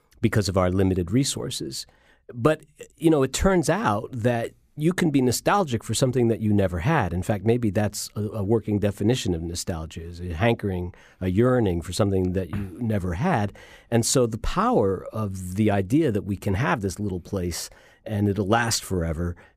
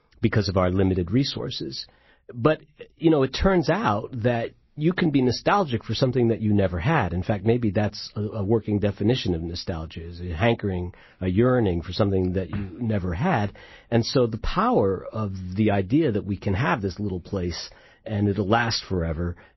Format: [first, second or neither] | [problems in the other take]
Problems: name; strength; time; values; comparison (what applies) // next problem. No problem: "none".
first | garbled, watery; slightly; nothing above 5.5 kHz